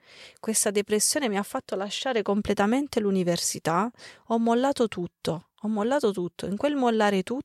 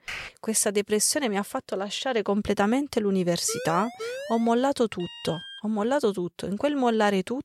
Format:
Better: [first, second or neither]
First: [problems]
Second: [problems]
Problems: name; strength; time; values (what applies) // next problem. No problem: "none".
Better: first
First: none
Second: keyboard typing; noticeable; at the start; peak 10 dB below the speech // siren; noticeable; from 3.5 to 4.5 s; peak 9 dB below the speech // alarm; faint; at 5 s; peak 15 dB below the speech